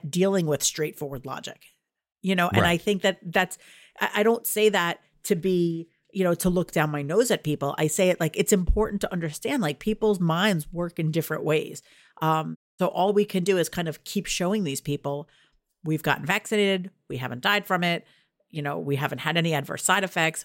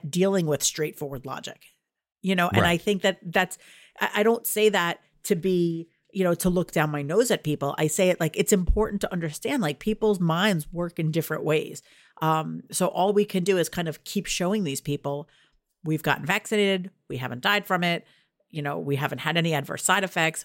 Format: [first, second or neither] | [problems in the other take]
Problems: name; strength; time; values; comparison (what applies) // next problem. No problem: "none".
second | audio cutting out; at 13 s